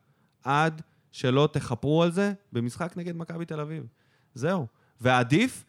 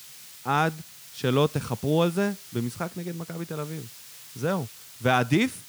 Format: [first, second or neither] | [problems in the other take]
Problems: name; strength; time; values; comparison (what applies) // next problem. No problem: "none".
first | hiss; noticeable; throughout; 15 dB below the speech